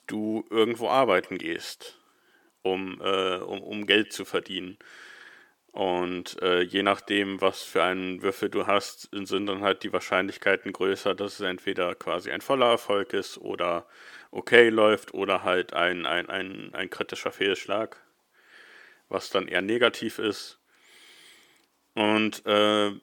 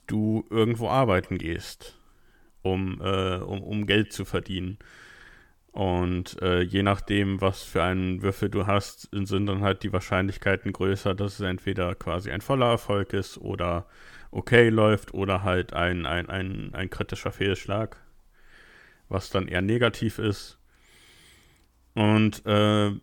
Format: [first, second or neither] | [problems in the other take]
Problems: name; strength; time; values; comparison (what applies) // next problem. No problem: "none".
second | thin; somewhat; fading below 350 Hz